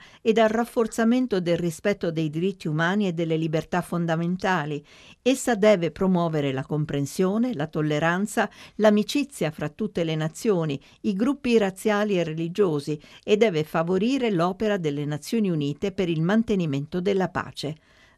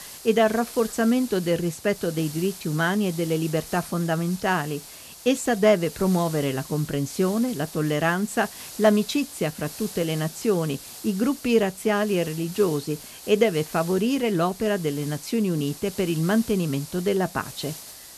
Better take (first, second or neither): first